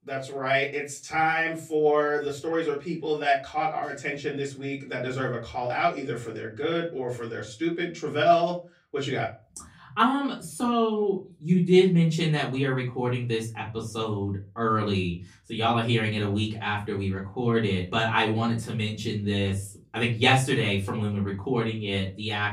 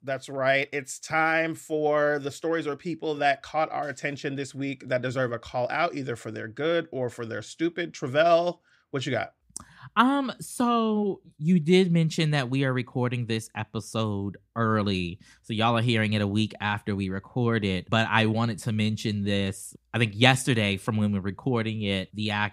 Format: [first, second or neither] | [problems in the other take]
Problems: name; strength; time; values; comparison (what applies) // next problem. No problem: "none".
second | off-mic speech; far // room echo; very slight; dies away in 0.2 s